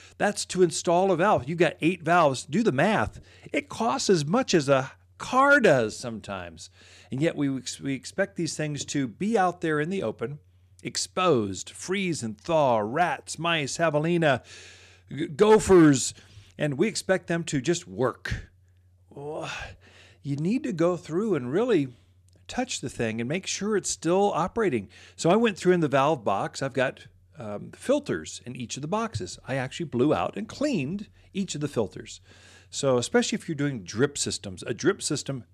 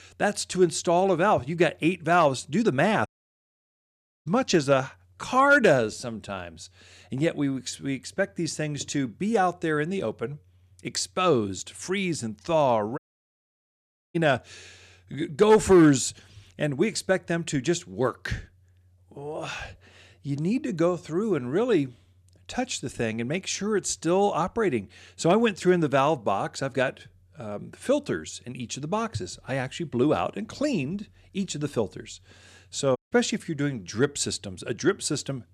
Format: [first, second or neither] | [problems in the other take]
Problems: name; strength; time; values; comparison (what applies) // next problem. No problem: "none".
first | audio cutting out; at 3 s for 1 s, at 13 s for 1 s and at 33 s